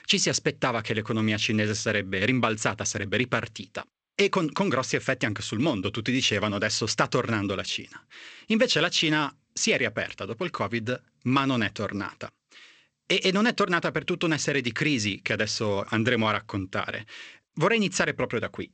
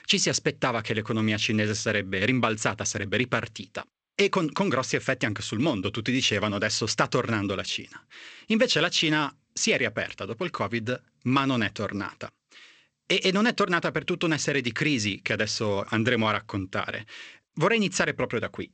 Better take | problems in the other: neither | garbled, watery; slightly; nothing above 7.5 kHz; the same in both

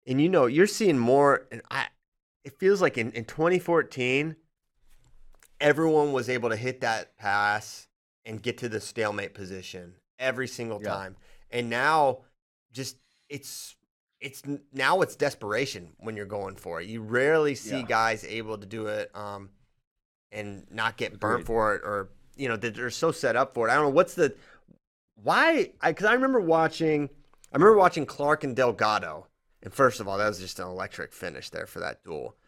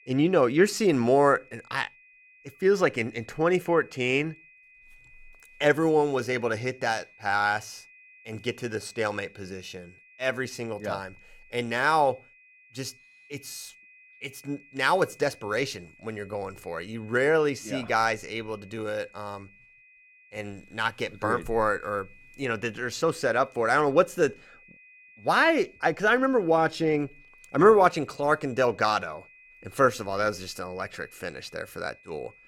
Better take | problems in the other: first | high-pitched whine; faint; throughout; 2.5 kHz, 25 dB below the speech

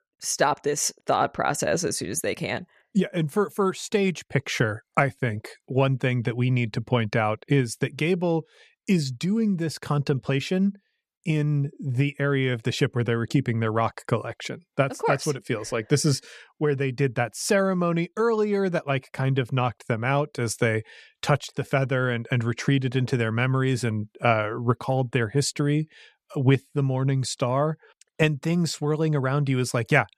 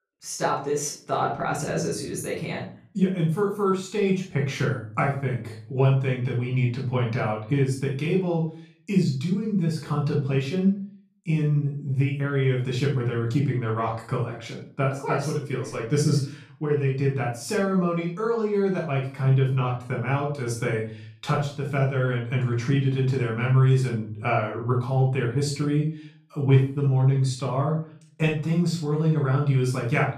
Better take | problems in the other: first | off-mic speech; far // room echo; noticeable; dies away in 0.4 s

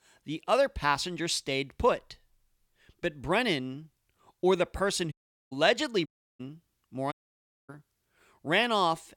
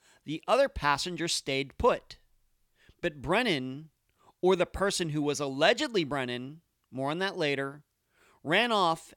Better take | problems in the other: second | audio cutting out; at 5 s, at 6 s and at 7 s for 0.5 s

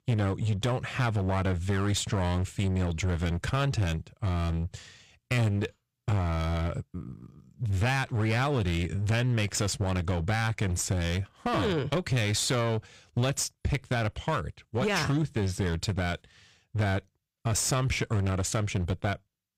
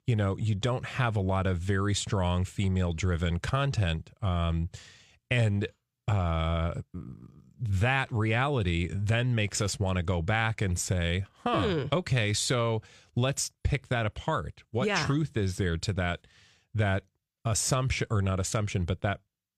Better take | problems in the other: second | distortion; slight; 13% of the sound clipped

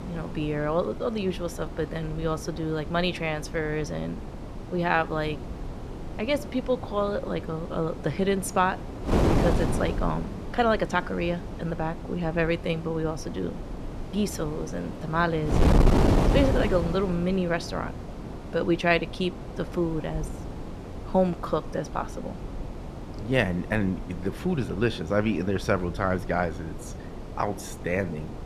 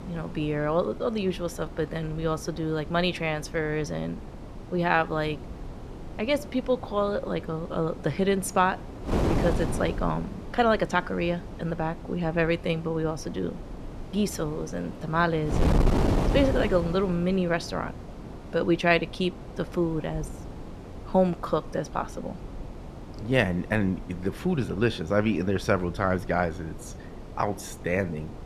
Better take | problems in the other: second | wind noise on the microphone; heavy; 8 dB below the speech; occasional gusts in the second

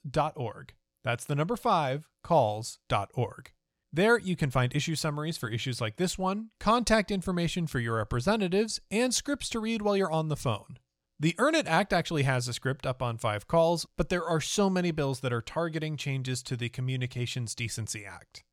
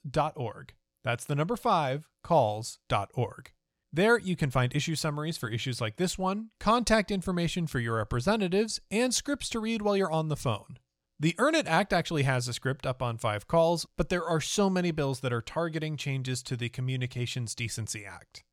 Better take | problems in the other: neither | none

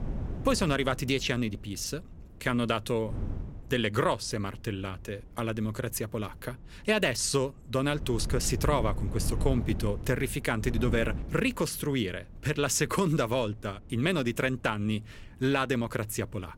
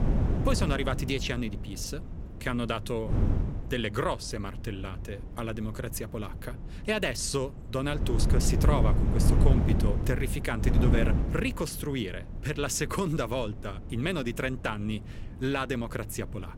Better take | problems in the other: first | wind noise on the microphone; heavy; 7 dB below the speech; occasional gusts in the first

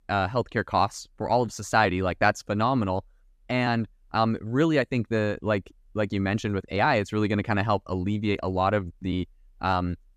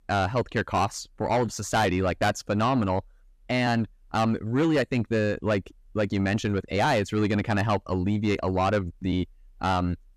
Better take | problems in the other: first | distortion; slight; 10 dB below the speech

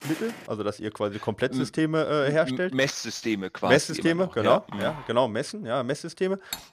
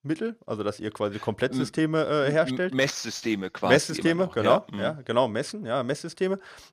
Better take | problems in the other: second | footsteps; faint; at the start; peak 10 dB below the speech // phone ringing; faint; at 4.5 s; peak 15 dB below the speech // clattering dishes; very faint; at 6.5 s; peak 10 dB below the speech

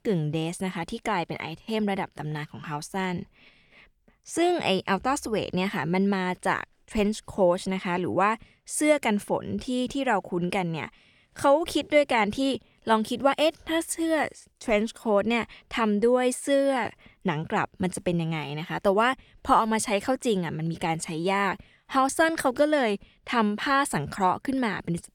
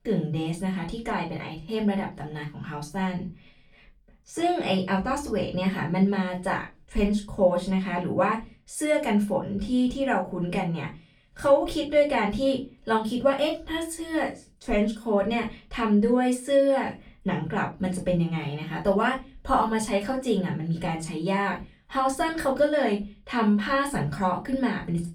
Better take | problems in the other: first | off-mic speech; far // room echo; very slight; dies away in 0.3 s

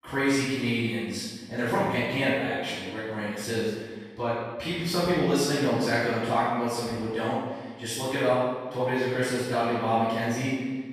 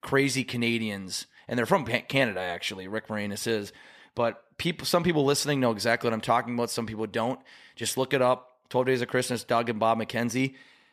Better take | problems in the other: second | room echo; strong; dies away in 1.1 s // off-mic speech; far

